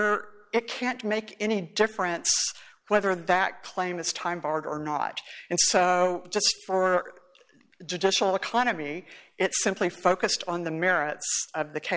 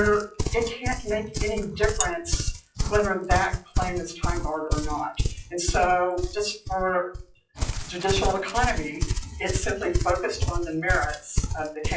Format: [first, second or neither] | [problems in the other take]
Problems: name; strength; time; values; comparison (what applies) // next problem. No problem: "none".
first | noise reduction (classical method WPE with log-MMSE)